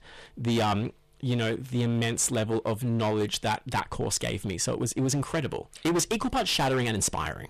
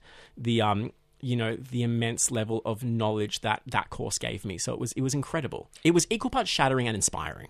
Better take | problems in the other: second | distortion; heavy; 14% of the sound clipped

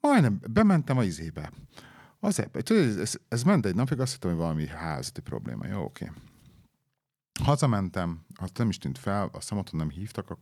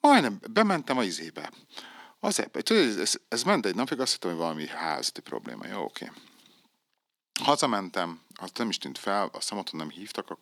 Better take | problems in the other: first | thin; somewhat; fading below 250 Hz

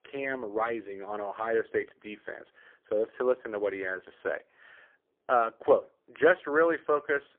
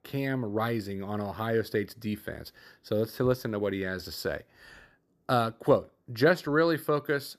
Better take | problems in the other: second | phone-call audio; poor line; nothing above 3 kHz

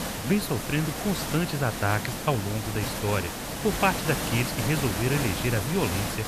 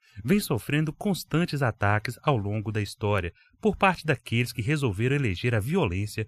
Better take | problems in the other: second | hiss; loud; throughout; 3 dB below the speech

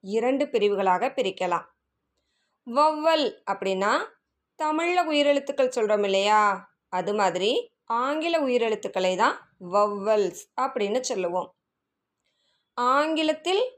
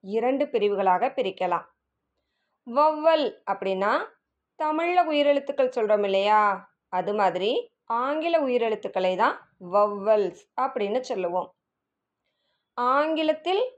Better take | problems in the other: first | muffled; very slightly; fading above 3.5 kHz

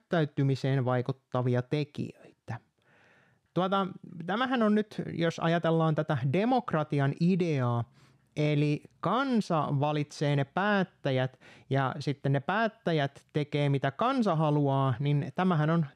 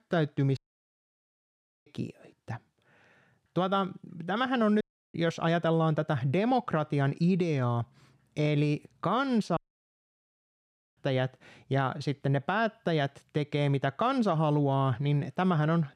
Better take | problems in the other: first | audio cutting out; at 0.5 s for 1.5 s, at 5 s and at 9.5 s for 1.5 s

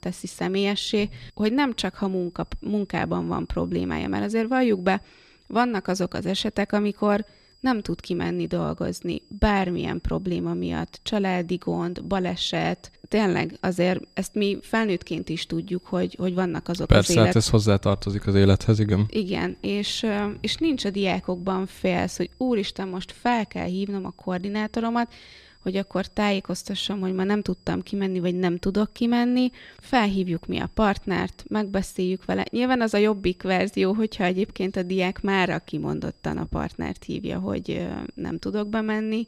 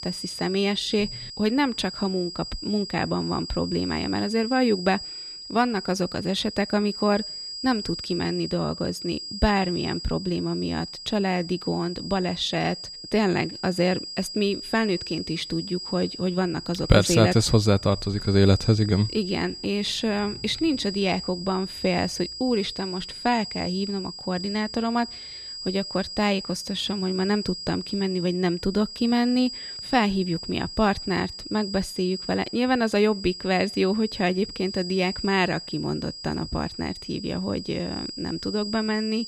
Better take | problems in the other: first | high-pitched whine; loud; throughout; 5 kHz, 9 dB below the speech; faint in the first

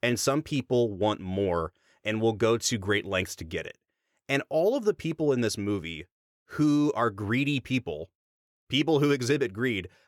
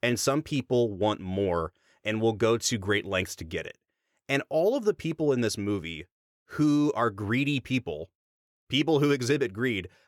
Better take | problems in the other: neither | none

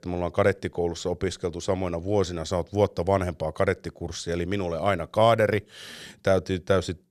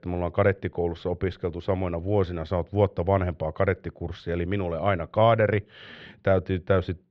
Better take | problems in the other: first | muffled; very; fading above 3 kHz

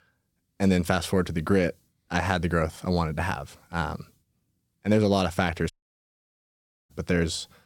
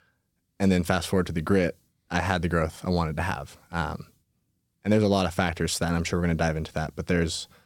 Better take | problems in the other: second | audio cutting out; at 5.5 s for 1 s

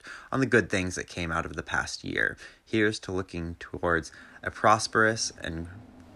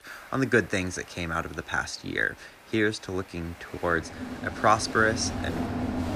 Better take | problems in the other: first | crowd noise; loud; throughout; 8 dB below the speech; faint in the first

